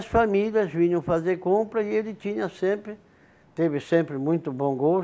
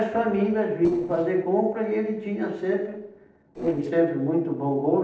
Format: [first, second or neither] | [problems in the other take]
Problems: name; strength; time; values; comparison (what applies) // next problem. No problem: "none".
first | noise reduction (neural separator model SepFormer DNS4)